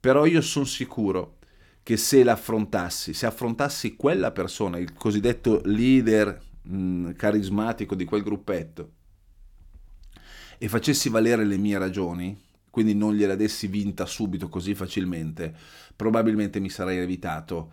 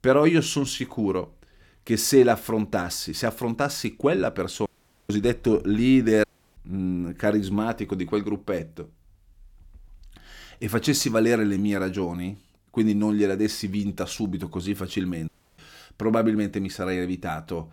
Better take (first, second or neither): first